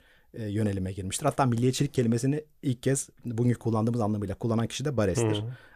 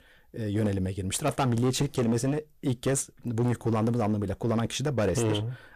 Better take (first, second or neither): first